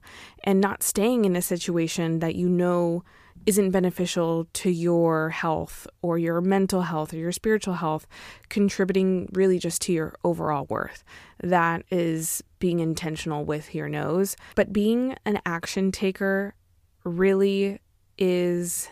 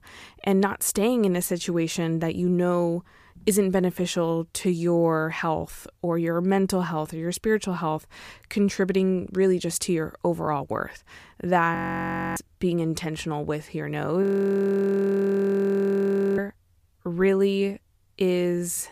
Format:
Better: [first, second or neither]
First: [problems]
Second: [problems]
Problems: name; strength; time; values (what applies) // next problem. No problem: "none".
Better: first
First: none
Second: audio freezing; at 12 s for 0.5 s and at 14 s for 2 s